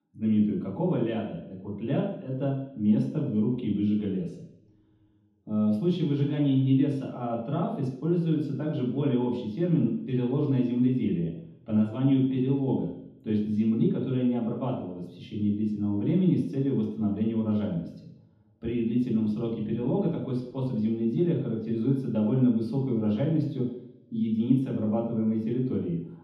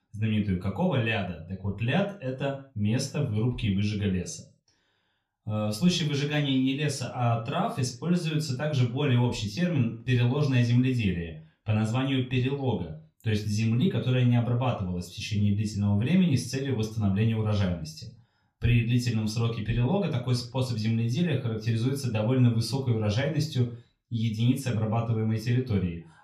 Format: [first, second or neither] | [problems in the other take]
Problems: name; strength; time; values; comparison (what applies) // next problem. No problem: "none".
second | room echo; strong; dies away in 0.9 s; slight in the second // off-mic speech; far; far in the second